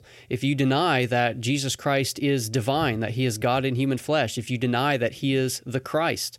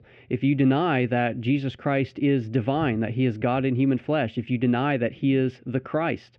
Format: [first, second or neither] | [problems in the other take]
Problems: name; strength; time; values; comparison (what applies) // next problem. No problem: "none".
first | muffled; very; fading above 2.5 kHz